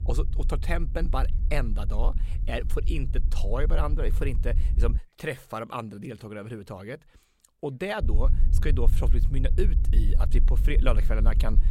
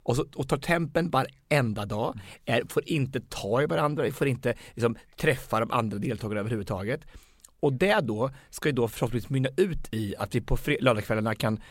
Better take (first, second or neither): second